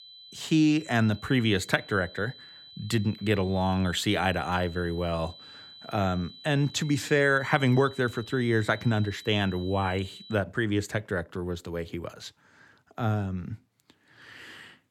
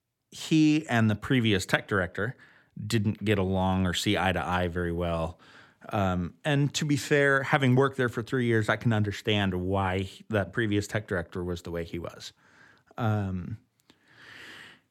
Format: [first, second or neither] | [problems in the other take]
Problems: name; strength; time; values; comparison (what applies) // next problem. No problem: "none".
second | high-pitched whine; noticeable; until 10 s; 4 kHz, 20 dB below the speech